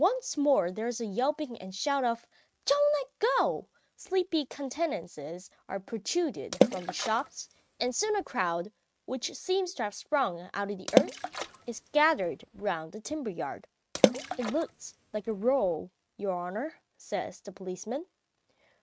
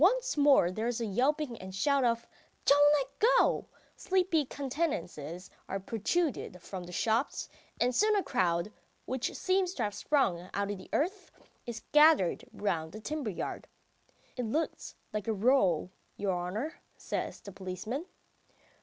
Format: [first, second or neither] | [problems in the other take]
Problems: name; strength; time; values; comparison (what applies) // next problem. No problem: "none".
second | noise reduction (neural mask model RNNoise)